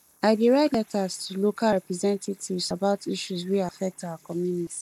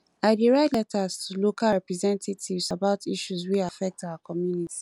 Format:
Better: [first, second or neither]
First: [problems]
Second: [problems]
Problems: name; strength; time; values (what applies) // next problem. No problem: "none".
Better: second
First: noise reduction (neural mask model Resemble Enhance denoiser)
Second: none